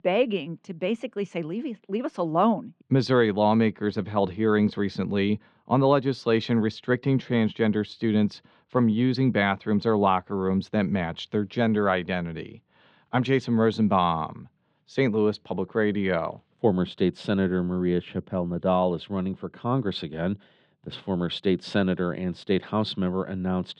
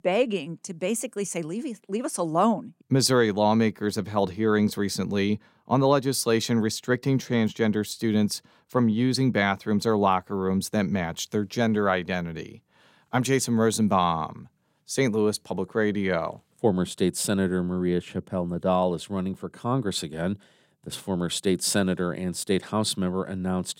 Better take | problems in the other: second | muffled; slightly; fading above 3.5 kHz

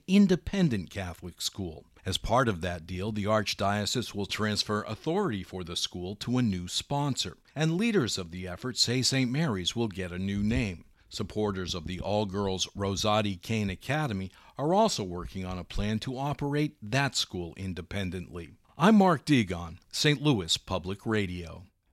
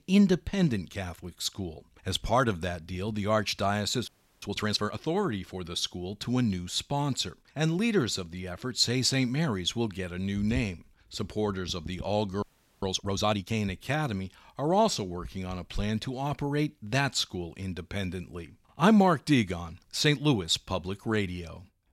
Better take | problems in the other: first | audio freezing; at 4 s and at 12 s

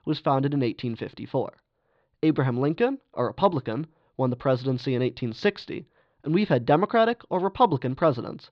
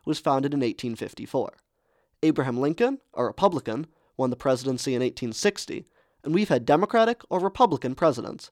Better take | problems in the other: second | muffled; very slightly; fading above 4 kHz

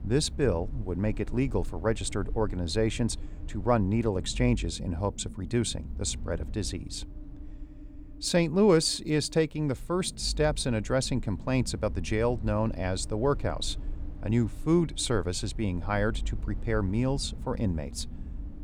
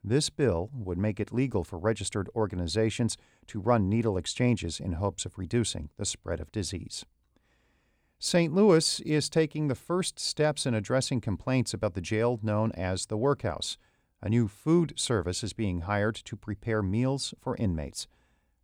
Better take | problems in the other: second | low rumble; faint; throughout; 20 dB below the speech

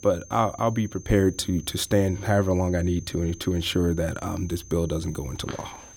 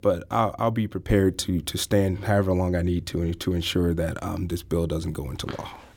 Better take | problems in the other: second | high-pitched whine; faint; throughout; 6.5 kHz, 20 dB below the speech

